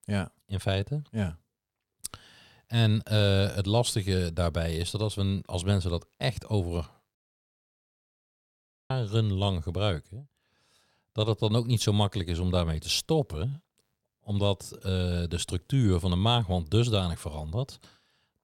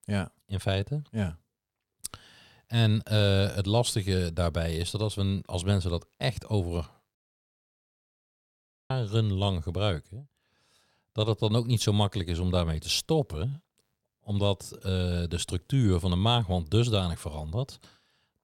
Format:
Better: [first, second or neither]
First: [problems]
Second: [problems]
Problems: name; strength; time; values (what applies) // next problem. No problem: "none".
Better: neither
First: audio cutting out; at 7 s for 2 s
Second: audio cutting out; at 7 s for 2 s